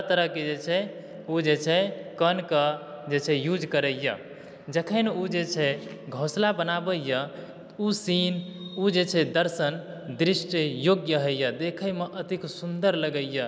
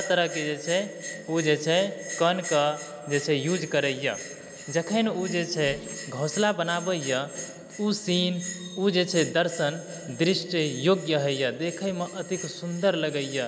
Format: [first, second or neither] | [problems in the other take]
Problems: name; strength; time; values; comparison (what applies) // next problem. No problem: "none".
first | background sound (Bell); 14 dB below the speech